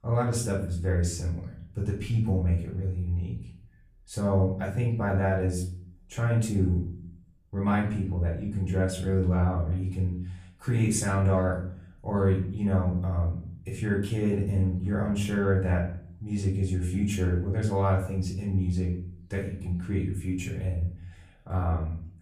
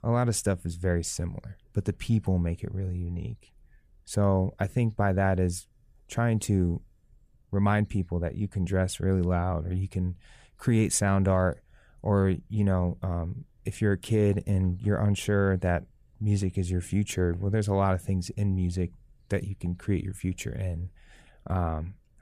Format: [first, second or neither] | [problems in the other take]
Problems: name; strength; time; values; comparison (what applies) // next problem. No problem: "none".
second | room echo; slight; dies away in 0.5 s // off-mic speech; far